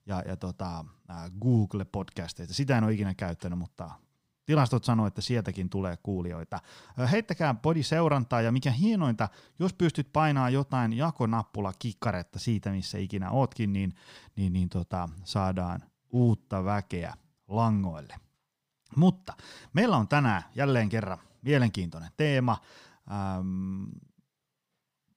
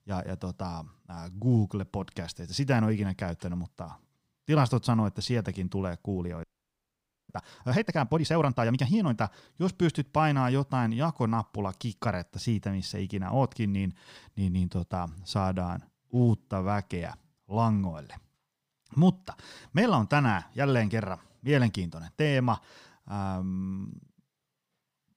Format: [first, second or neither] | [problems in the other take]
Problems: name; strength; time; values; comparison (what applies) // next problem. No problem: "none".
first | audio freezing; at 6.5 s for 1 s